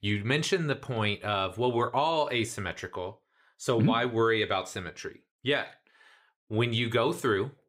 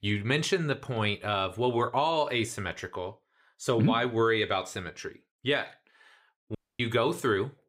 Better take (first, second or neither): first